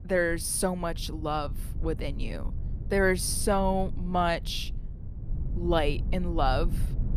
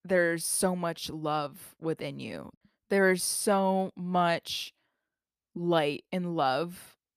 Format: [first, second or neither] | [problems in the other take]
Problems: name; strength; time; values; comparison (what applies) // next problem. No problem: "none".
second | low rumble; faint; throughout; 20 dB below the speech